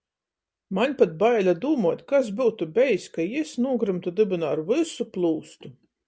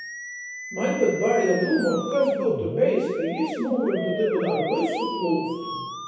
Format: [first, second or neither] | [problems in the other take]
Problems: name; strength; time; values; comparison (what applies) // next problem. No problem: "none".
first | background sound (Musical instrument); 8 dB below the speech // room echo; dies away in 1.1 s